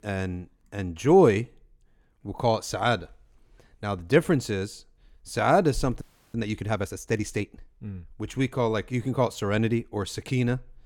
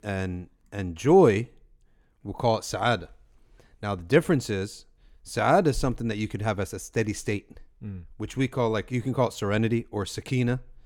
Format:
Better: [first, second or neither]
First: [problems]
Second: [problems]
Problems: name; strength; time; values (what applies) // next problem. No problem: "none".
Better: second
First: audio freezing; at 6 s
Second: none